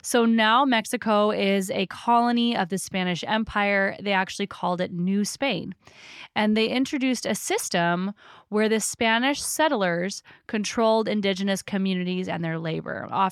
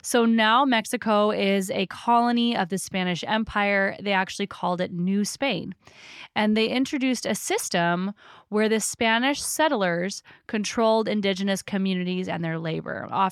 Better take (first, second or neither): neither